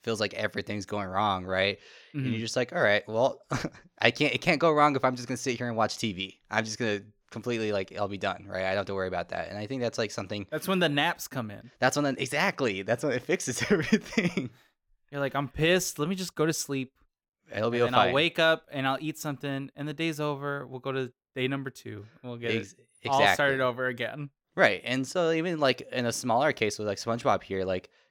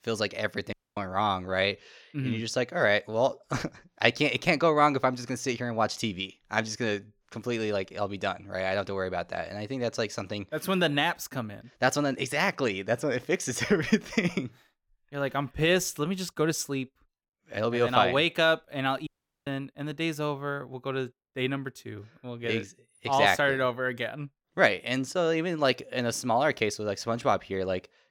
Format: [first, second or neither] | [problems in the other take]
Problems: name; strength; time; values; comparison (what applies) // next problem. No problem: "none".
first | audio cutting out; at 0.5 s and at 19 s